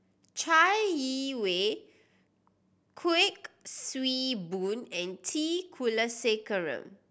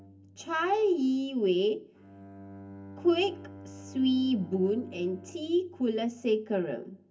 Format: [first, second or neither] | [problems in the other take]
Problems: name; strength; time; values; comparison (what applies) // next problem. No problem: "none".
first | background sound (Bowed string instrument); 19 dB below the speech // room echo; dies away in 0.3 s